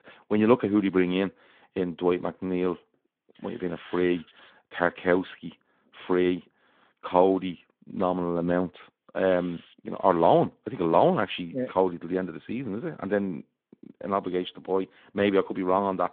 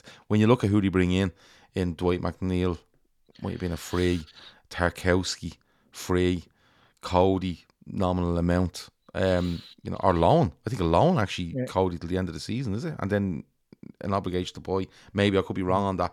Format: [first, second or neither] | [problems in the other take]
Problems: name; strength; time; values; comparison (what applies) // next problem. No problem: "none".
second | phone-call audio